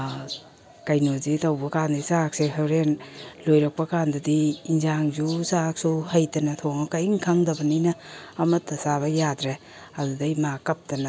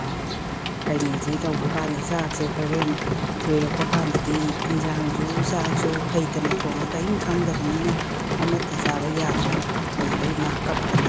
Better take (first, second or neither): first